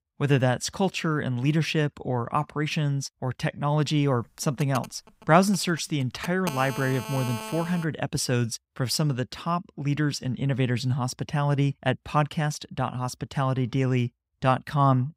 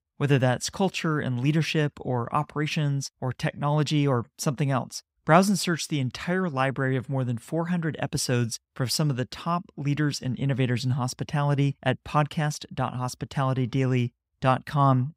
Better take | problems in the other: second | phone ringing; noticeable; from 4.5 to 8 s; peak 8 dB below the speech

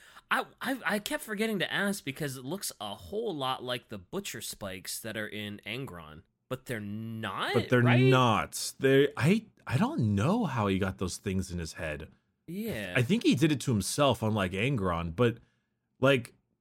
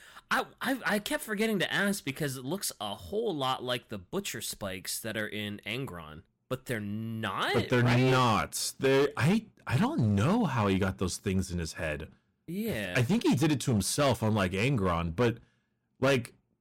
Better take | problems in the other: first | distortion; slight; 6% of the sound clipped

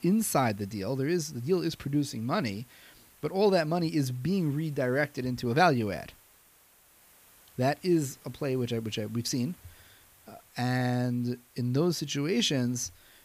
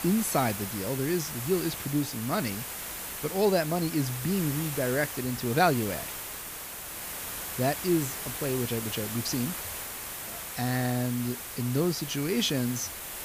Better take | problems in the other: first | hiss; loud; throughout; 6 dB below the speech; faint in the first

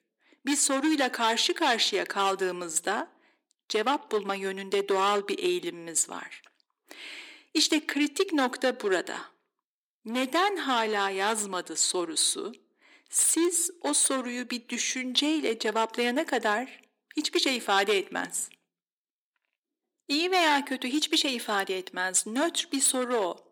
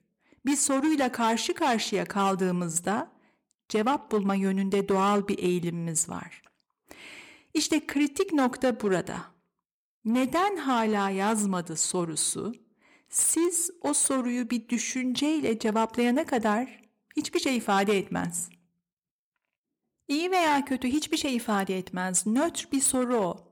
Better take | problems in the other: second | thin; very slightly; fading below 300 Hz

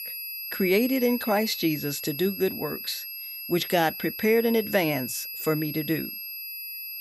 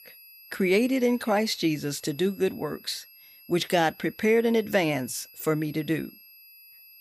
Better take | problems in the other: second | high-pitched whine; loud; throughout; 11.5 kHz, 7 dB below the speech; faint in the second

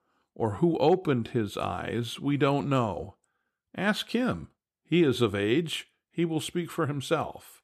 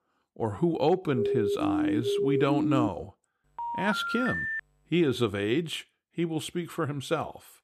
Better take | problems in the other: first | siren; loud; from 1 to 3 s; peak 2 dB above the speech // phone ringing; noticeable; from 3.5 to 4.5 s; peak level with the speech

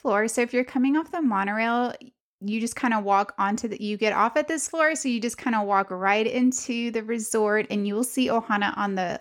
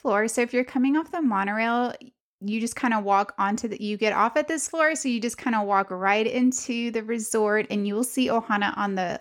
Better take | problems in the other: neither | none

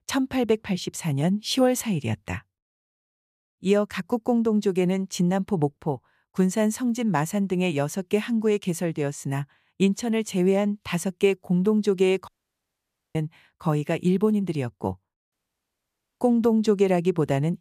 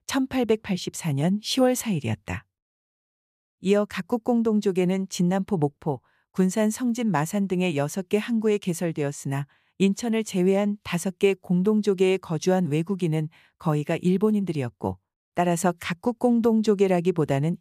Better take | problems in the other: second | audio cutting out; at 12 s for 1 s and at 15 s for 1 s

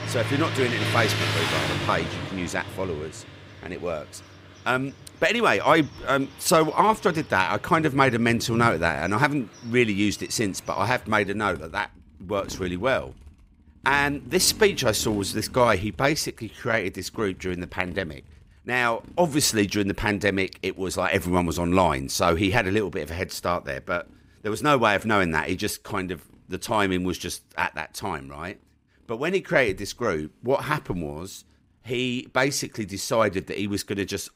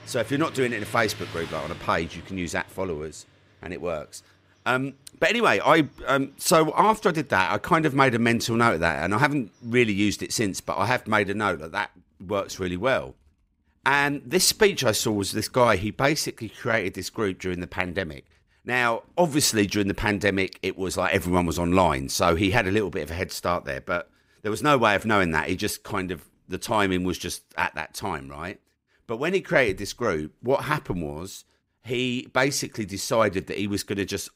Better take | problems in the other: second | traffic noise; loud; throughout; 9 dB below the speech; faint in the second

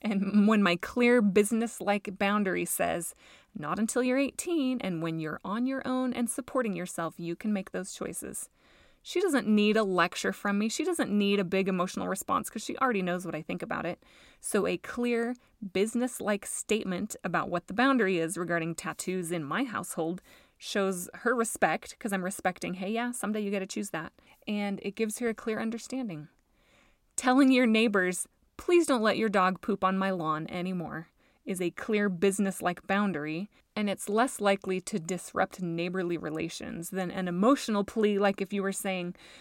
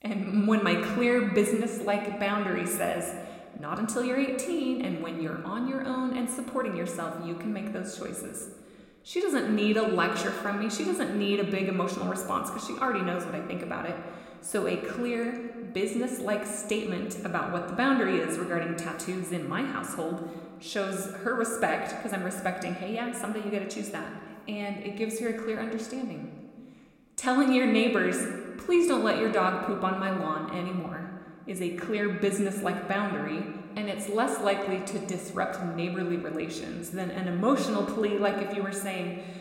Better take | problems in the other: first | room echo; slight; dies away in 1.4 s

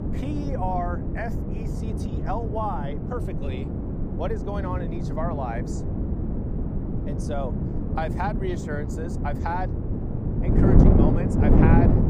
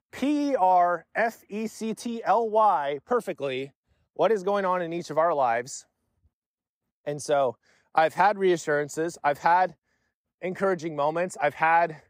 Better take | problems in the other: second | wind noise on the microphone; heavy; 1 dB below the speech

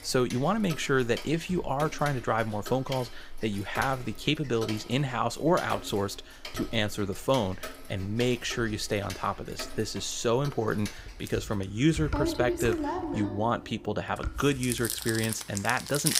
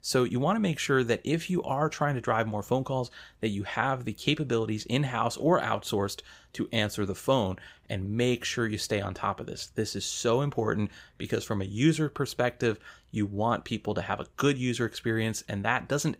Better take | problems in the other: second | household noises; loud; throughout; 9 dB below the speech

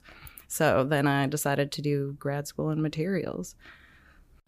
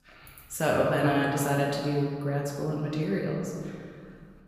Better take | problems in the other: first | room echo; noticeable; dies away in 1.9 s // off-mic speech; far

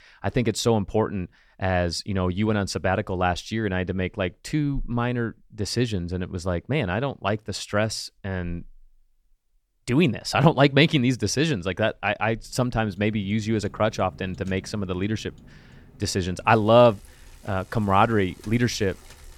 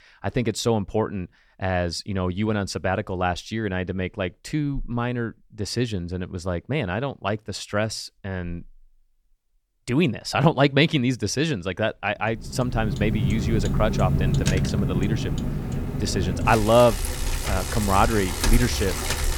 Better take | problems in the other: first | traffic noise; loud; from 13 s on; 2 dB below the speech; faint in the first

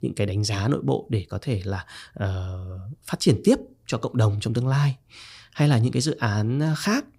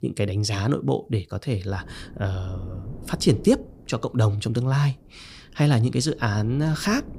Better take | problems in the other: first | wind noise on the microphone; occasional gusts; from 1.5 s on; 20 dB below the speech

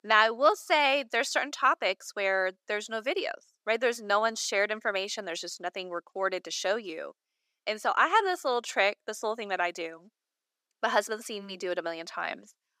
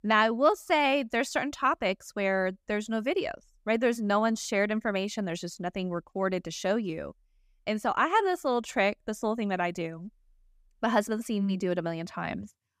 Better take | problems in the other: second | thin; somewhat; fading below 400 Hz

